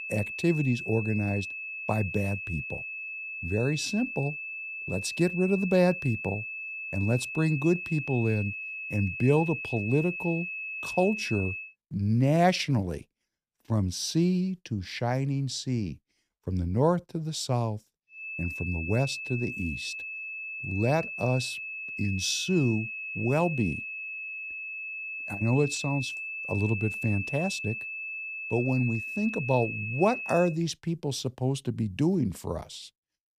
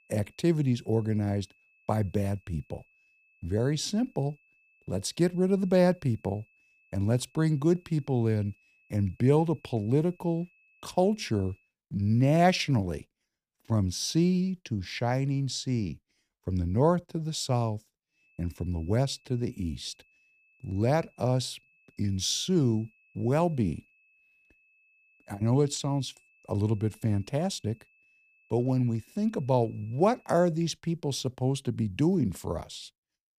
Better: second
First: high-pitched whine; loud; until 12 s and from 18 to 30 s; 2.5 kHz, 6 dB below the speech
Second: high-pitched whine; faint; until 12 s and from 18 to 30 s; 2.5 kHz, 35 dB below the speech

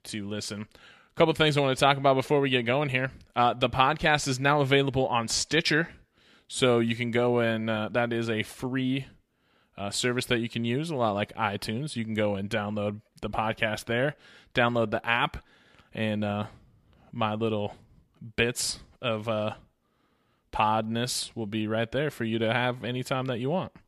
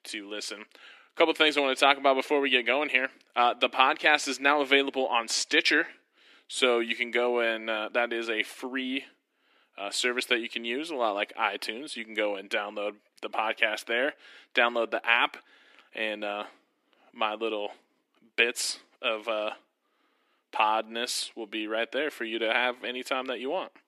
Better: first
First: none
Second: thin; somewhat; fading below 300 Hz

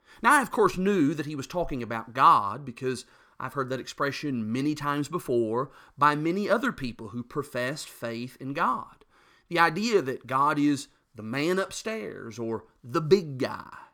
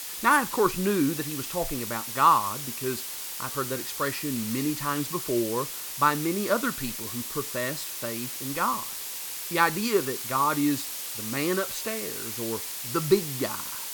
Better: first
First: none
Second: hiss; loud; throughout; 5 dB below the speech

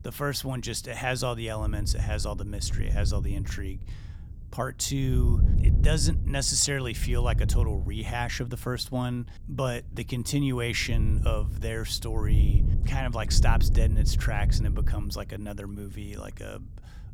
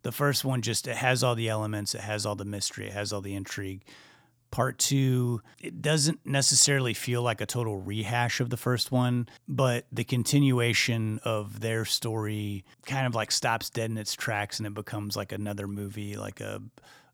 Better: second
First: wind noise on the microphone; occasional gusts; 10 dB below the speech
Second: none

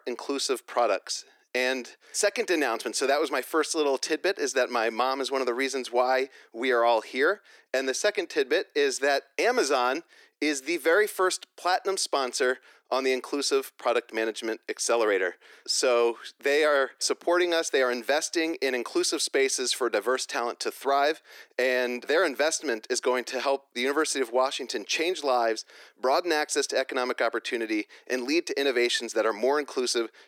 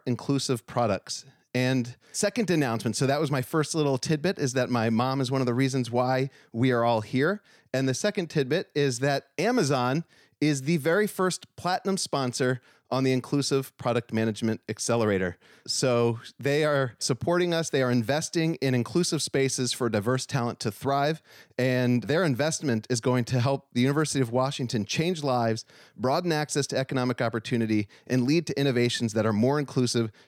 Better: second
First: thin; very; fading below 300 Hz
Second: none

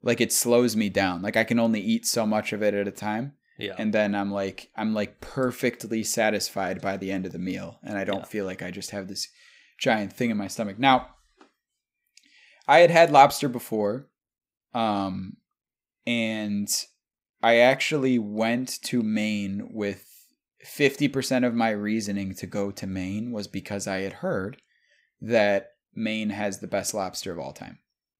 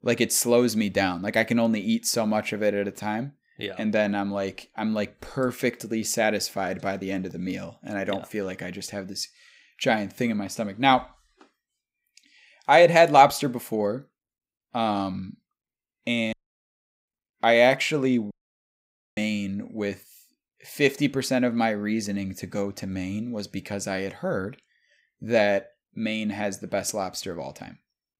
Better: first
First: none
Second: audio cutting out; at 16 s for 1 s and at 18 s for 1 s

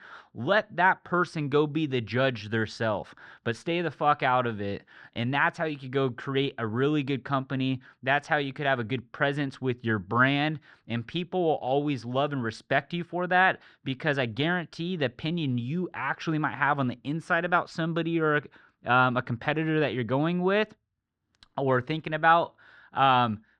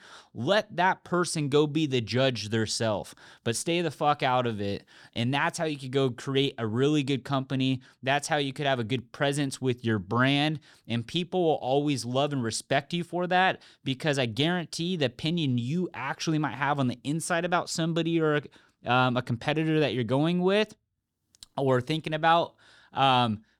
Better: second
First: muffled; slightly; fading above 3 kHz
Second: none

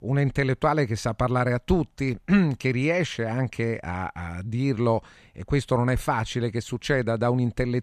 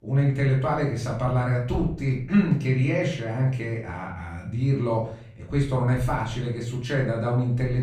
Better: first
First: none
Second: off-mic speech; far // room echo; slight; dies away in 0.5 s

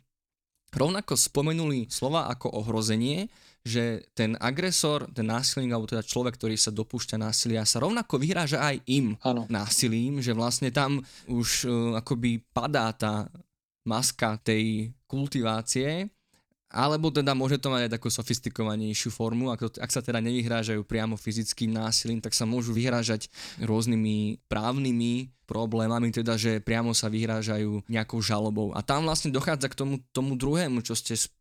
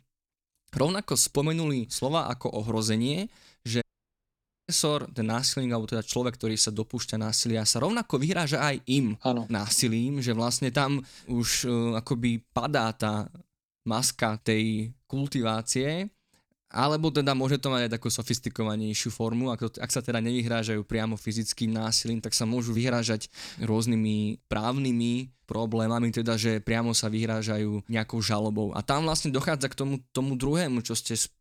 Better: first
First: none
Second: audio cutting out; at 4 s for 1 s

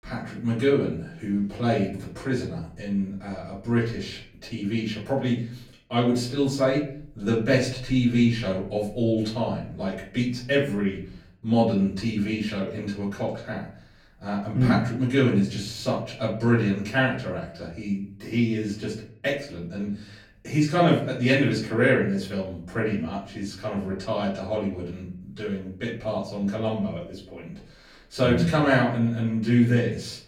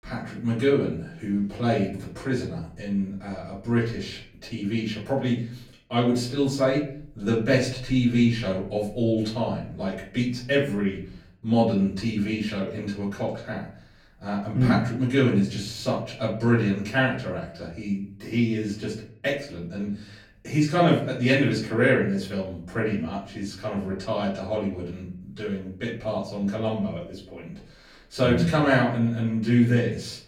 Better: neither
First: room echo; slight; dies away in 0.4 s // off-mic speech; far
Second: room echo; slight; dies away in 0.4 s // off-mic speech; far

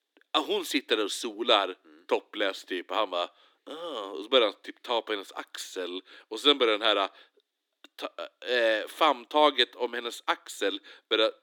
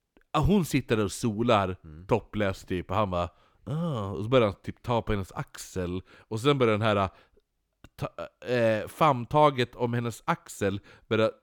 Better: second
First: thin; somewhat; fading below 300 Hz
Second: none

